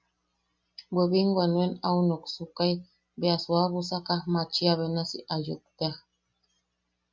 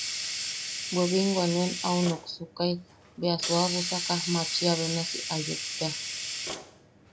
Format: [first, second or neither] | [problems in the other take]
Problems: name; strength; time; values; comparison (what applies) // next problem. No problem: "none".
first | background sound (Hiss); 4 dB below the speech